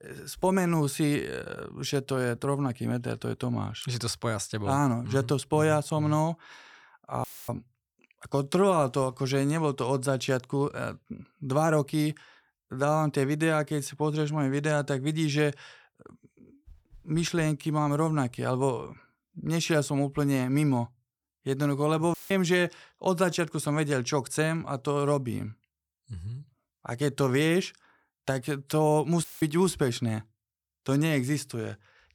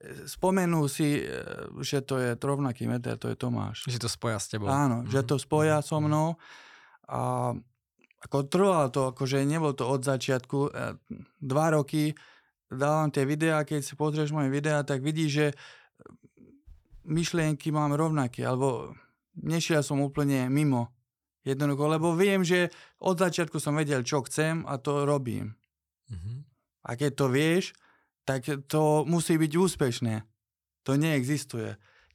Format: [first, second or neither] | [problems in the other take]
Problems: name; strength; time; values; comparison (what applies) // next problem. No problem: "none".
second | audio cutting out; filled with static; at 7 s, at 22 s and at 29 s